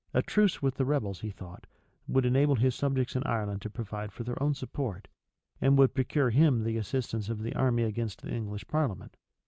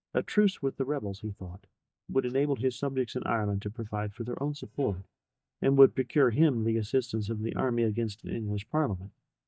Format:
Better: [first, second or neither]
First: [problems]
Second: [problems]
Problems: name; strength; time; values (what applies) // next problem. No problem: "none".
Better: first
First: none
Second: noise reduction (neural mask model DeepFilterNet 3)